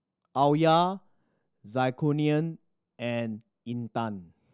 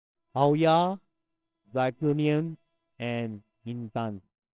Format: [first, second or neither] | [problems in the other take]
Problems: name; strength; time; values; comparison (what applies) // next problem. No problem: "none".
first | noise reduction (neural separator model SepFormer WHAMR!)